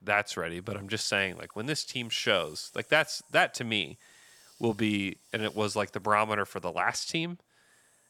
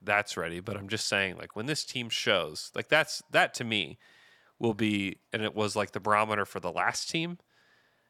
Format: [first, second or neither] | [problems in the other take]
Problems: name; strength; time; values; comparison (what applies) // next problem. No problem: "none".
second | hiss; faint; throughout; 30 dB below the speech